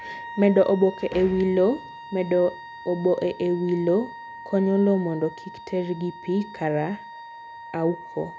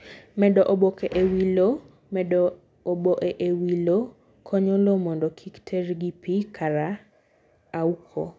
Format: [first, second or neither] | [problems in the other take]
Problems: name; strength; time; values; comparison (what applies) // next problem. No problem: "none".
second | background sound (Wind instrument, woodwind instrument); 16 dB below the speech